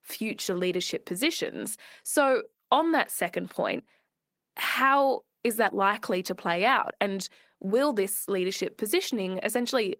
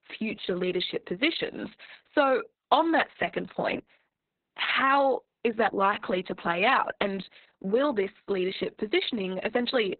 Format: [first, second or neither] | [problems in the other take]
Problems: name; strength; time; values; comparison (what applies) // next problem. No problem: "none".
first | garbled, watery; badly; nothing above 4 kHz; slightly in the first